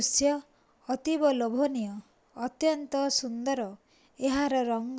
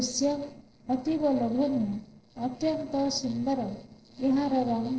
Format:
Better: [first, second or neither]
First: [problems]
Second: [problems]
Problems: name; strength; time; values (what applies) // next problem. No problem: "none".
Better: first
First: none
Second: noise reduction (neural separator model SepFormer DNS4)